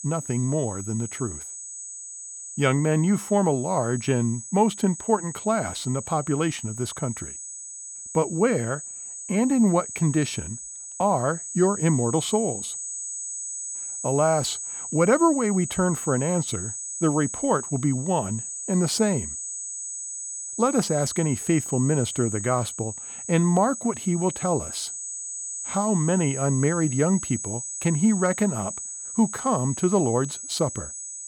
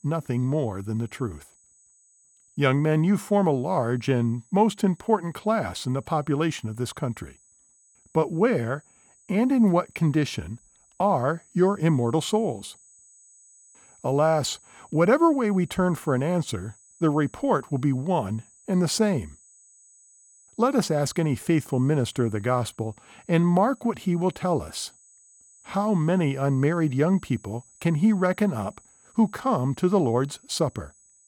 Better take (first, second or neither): second